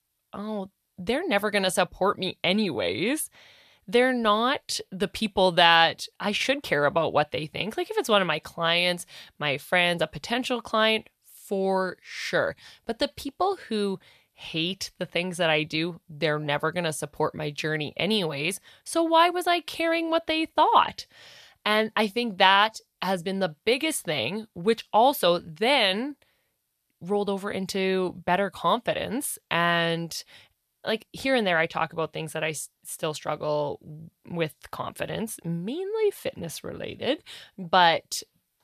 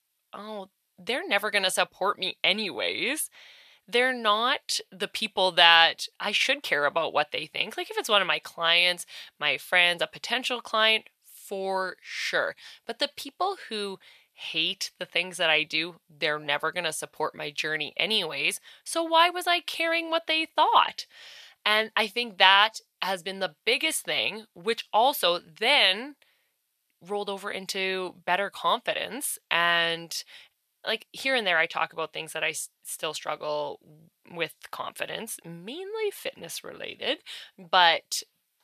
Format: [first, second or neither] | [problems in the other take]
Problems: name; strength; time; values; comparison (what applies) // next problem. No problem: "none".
first | thin; somewhat; fading below 750 Hz